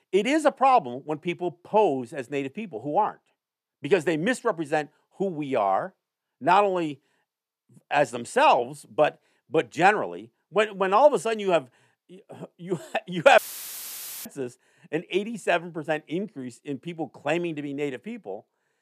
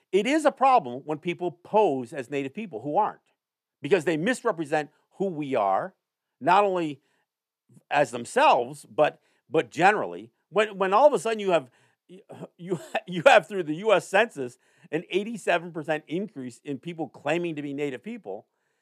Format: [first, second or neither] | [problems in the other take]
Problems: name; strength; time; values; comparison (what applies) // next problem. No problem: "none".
second | audio cutting out; filled with static; at 13 s for 1 s